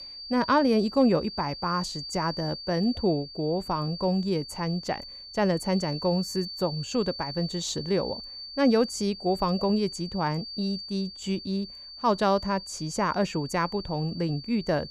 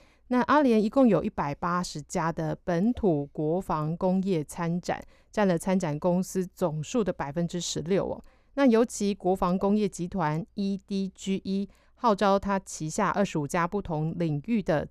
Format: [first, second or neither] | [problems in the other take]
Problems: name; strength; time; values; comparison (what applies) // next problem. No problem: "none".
second | high-pitched whine; loud; throughout; 4.5 kHz, 10 dB below the speech